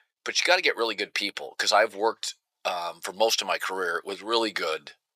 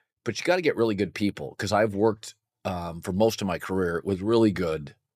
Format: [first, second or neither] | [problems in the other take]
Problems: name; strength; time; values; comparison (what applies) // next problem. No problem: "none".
second | thin; very; fading below 750 Hz